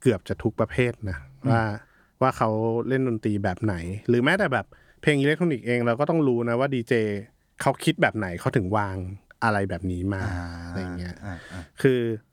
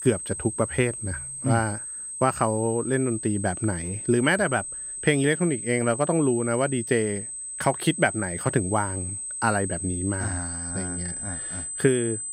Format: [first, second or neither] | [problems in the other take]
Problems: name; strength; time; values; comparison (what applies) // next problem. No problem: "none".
first | high-pitched whine; loud; throughout; 8 kHz, 6 dB below the speech